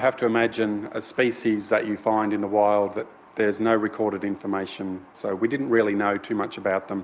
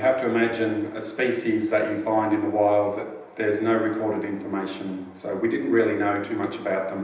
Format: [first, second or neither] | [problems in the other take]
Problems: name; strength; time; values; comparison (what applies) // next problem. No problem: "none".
first | room echo; dies away in 0.9 s